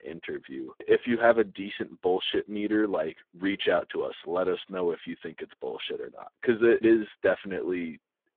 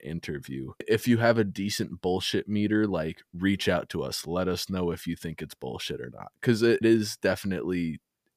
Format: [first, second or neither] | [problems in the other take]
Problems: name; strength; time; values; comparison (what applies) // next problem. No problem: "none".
second | phone-call audio; poor line; nothing above 3.5 kHz